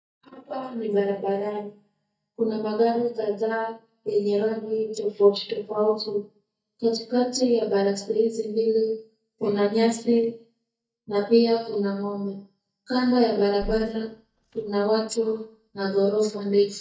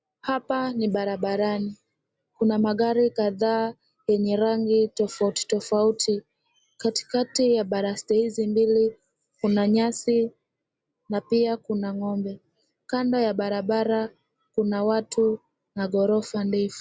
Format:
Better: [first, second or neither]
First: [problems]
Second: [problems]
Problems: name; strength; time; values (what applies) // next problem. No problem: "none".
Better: second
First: noise reduction (neural mask model DeepFilterNet 3)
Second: none